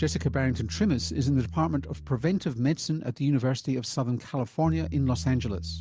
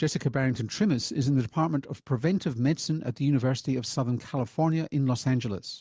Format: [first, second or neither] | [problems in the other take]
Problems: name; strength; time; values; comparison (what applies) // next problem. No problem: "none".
second | background sound (Bass guitar); 11 dB below the speech